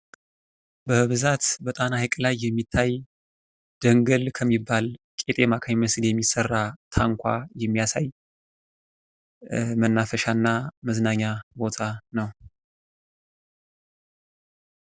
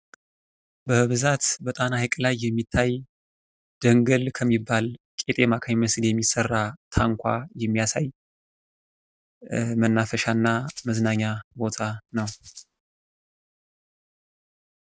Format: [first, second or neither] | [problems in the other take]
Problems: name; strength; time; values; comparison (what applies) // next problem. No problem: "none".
first | noise reduction (neural mask model RNNoise)